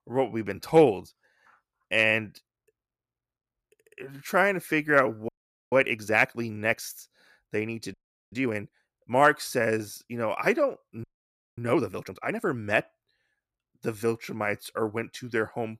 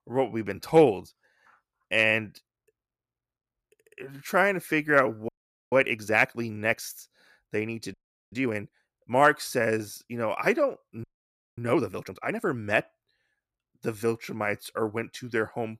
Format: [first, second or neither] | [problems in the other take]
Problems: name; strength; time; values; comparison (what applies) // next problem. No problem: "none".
neither | audio freezing; at 5.5 s, at 8 s and at 11 s for 0.5 s; the same in both